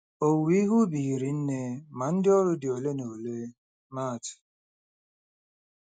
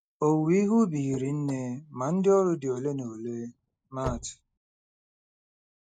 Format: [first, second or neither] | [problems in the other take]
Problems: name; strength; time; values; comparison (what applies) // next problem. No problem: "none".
first | background sound (Slam / Car); 17 dB below the speech